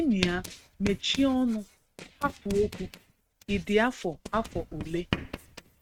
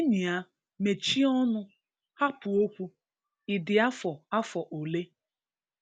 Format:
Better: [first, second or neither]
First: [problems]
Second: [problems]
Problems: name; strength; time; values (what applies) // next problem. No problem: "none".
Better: second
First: noise reduction (neural mask model RNNoise)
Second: none